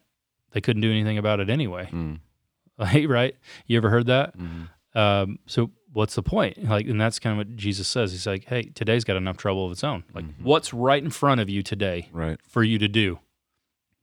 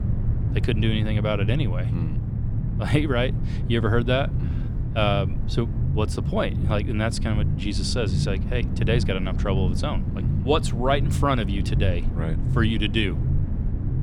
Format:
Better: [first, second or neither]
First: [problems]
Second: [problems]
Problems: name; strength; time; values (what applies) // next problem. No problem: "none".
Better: first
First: none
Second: low rumble; noticeable; throughout; 10 dB below the speech